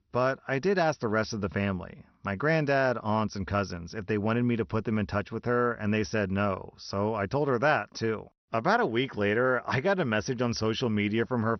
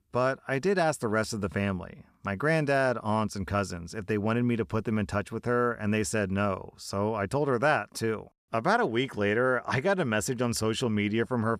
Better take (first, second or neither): second